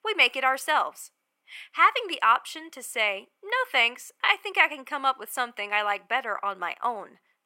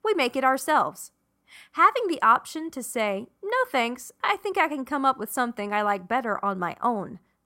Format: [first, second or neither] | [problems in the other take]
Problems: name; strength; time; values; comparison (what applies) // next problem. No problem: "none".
second | thin; somewhat; fading below 500 Hz